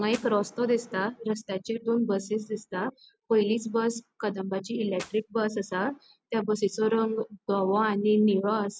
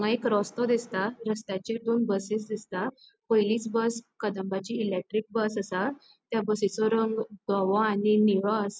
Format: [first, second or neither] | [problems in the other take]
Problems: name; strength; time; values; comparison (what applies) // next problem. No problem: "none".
second | background sound (Clapping); 17 dB below the speech